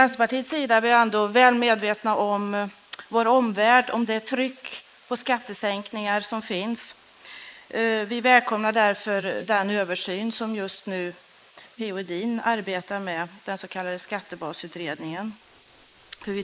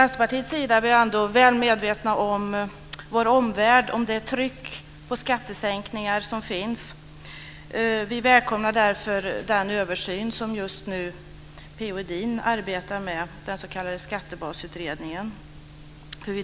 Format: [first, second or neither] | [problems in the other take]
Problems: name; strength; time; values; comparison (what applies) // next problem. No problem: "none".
second | noise reduction (neural mask model Resemble Enhance denoiser)